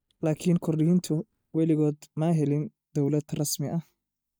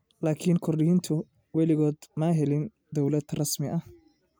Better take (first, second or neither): second